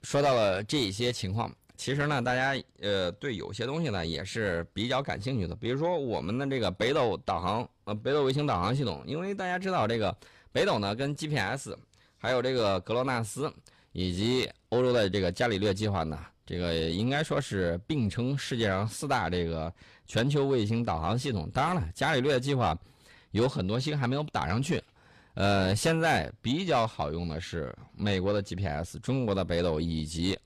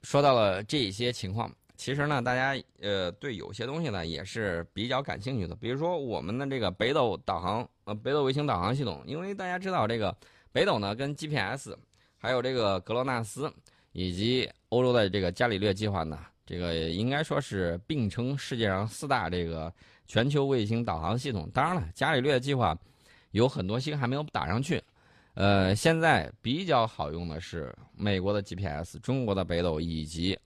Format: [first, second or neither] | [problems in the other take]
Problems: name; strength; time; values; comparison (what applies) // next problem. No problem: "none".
second | distortion; slight; 10 dB below the speech